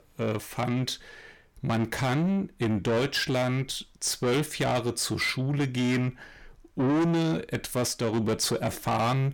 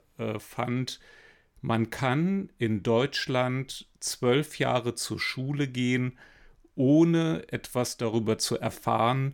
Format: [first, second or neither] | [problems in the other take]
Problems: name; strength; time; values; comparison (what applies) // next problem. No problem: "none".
second | distortion; heavy; 8 dB below the speech